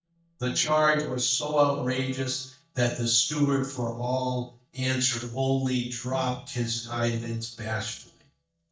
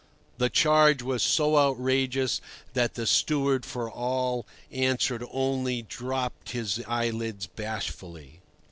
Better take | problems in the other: second | noise reduction (neural mask model DeepFilterNet 3)

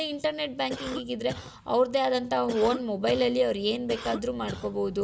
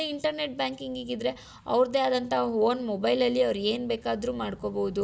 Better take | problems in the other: second | background sound (Cough); 11 dB below the speech

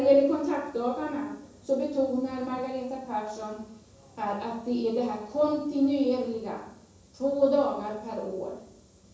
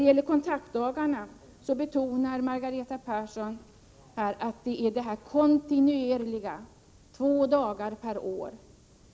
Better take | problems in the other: second | room echo; dies away in 0.7 s

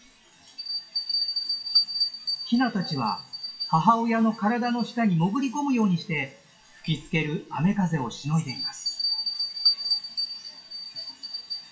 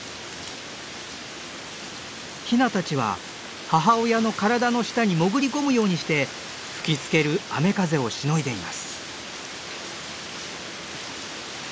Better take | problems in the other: second | noise reduction (classical method WPE with log-MMSE)

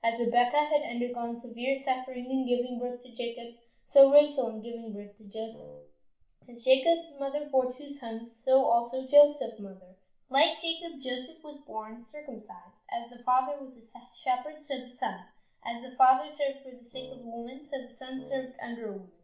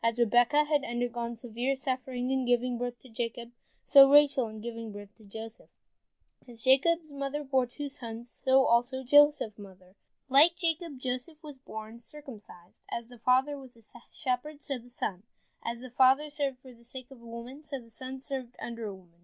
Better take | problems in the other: second | background sound (Wind instrument, woodwind instrument); 20 dB below the speech // room echo; dies away in 0.4 s

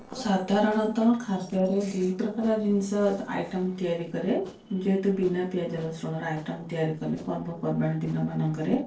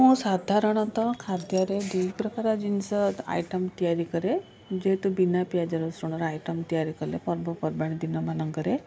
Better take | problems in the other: second | noise reduction (neural separator model SepFormer DNS4)

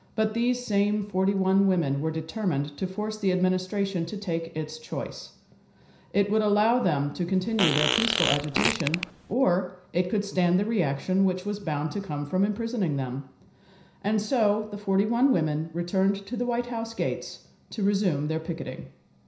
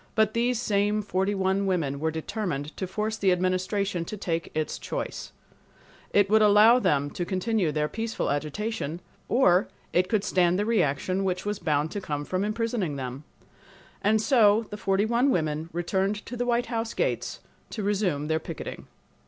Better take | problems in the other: second | background sound (Fart); 2 dB below the speech // room echo; dies away in 0.5 s

